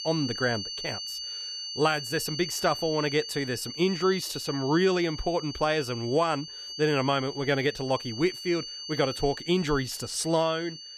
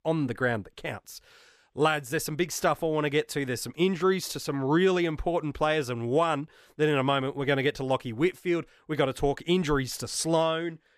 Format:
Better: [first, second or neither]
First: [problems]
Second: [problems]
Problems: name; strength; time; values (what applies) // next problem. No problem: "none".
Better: second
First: high-pitched whine; loud; throughout; 4.5 kHz, 8 dB below the speech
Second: none